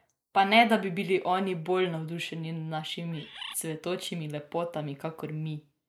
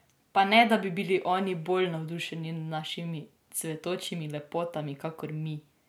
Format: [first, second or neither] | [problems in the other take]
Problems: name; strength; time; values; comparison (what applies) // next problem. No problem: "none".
second | noise reduction (neural mask model Resemble Enhance denoiser)